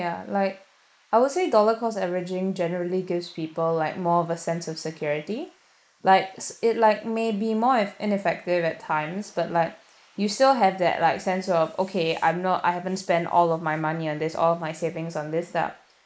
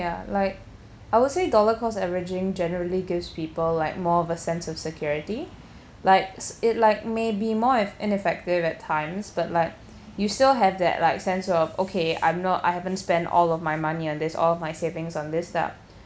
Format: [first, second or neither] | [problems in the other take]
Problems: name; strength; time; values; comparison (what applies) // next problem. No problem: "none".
second | noise reduction (neural mask model Resemble Enhance denoiser)